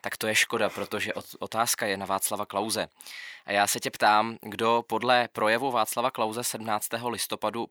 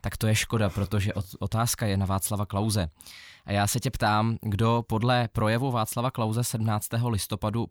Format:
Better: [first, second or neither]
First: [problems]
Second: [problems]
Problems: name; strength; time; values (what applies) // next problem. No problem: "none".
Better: second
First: thin; very; fading below 400 Hz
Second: none